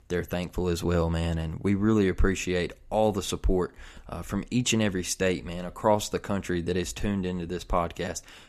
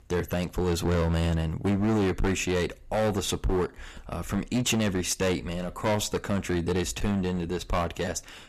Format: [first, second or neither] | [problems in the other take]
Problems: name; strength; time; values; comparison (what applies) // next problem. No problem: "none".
first | distortion; heavy; 14% of the sound clipped